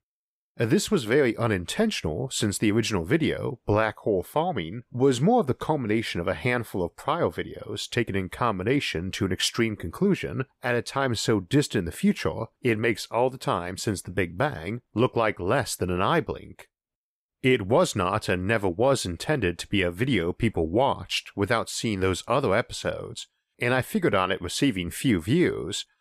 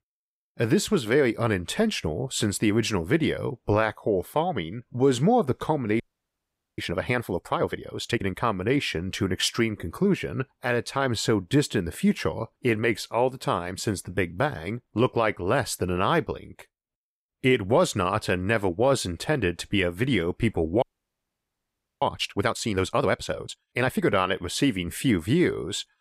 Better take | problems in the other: first | audio freezing; at 6 s for 1 s and at 21 s for 1 s

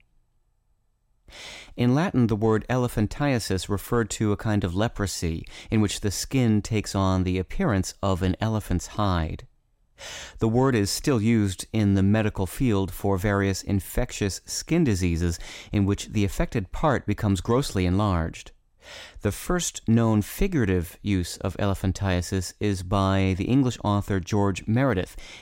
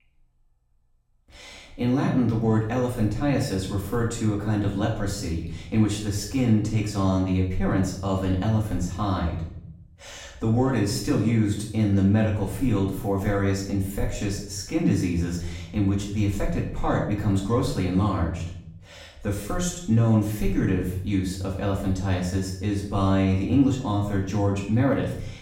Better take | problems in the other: first | off-mic speech; far // room echo; noticeable; dies away in 0.7 s

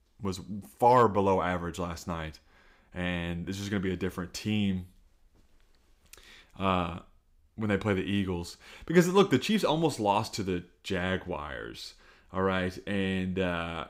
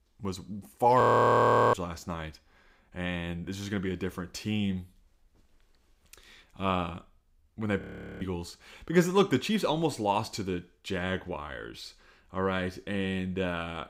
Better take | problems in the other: first | audio freezing; at 1 s for 0.5 s and at 8 s

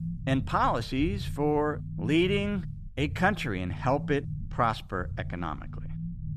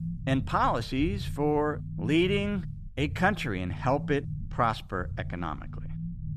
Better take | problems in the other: neither | low rumble; noticeable; throughout; 20 dB below the speech; the same in both

